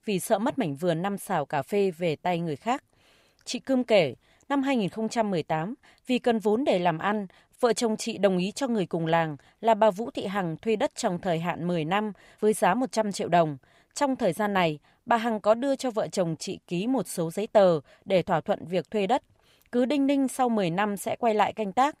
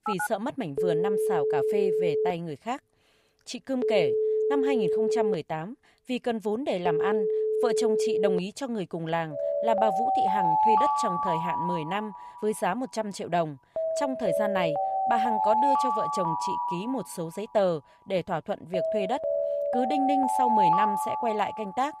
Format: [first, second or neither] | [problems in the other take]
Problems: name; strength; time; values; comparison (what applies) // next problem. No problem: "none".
first | alarms or sirens; very loud; throughout; 4 dB above the speech